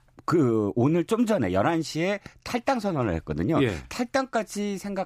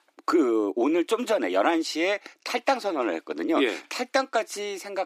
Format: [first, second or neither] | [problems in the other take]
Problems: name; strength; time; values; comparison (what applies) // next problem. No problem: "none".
first | thin; somewhat; fading below 300 Hz